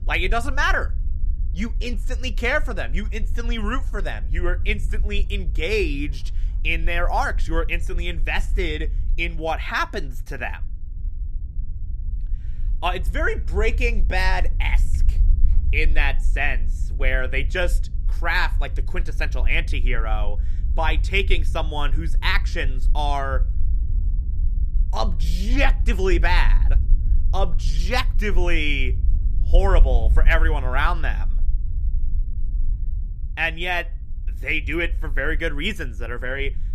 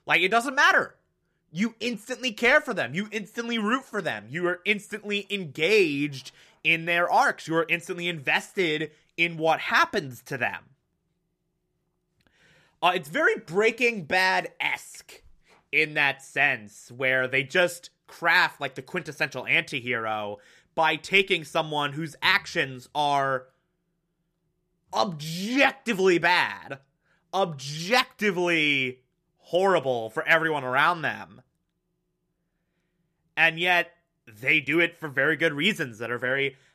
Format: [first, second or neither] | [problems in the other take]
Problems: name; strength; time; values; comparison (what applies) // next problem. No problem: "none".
second | low rumble; faint; throughout; 25 dB below the speech